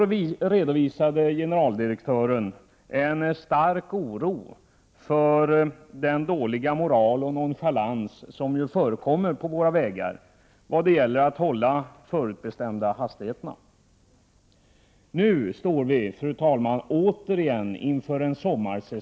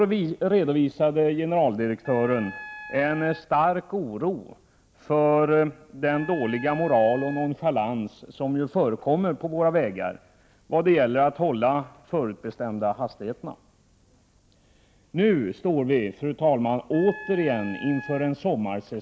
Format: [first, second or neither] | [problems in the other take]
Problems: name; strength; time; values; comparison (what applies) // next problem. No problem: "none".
first | background sound (Wind instrument, woodwind instrument); 15 dB below the speech